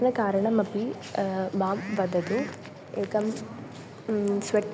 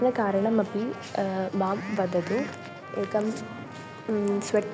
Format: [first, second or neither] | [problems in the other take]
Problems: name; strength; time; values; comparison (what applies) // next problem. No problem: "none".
first | background sound (Trumpet); 17 dB below the speech